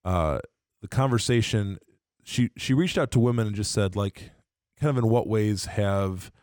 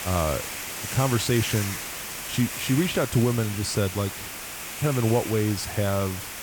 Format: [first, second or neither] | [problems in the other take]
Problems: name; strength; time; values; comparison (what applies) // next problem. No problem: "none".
first | hiss; loud; throughout; 6 dB below the speech